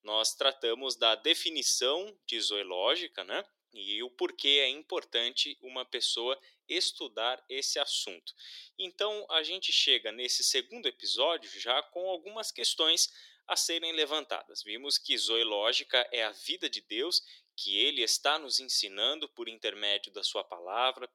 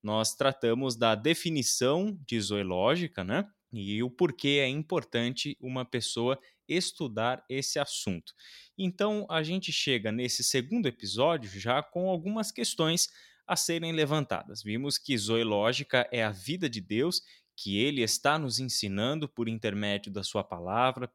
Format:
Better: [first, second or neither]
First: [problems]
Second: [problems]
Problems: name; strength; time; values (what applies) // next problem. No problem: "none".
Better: second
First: thin; very; fading below 350 Hz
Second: none